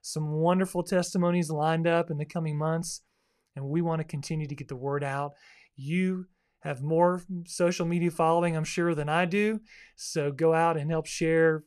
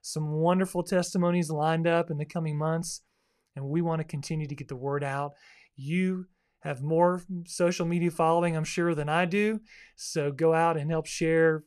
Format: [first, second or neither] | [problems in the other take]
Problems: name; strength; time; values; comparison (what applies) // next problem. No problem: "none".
neither | none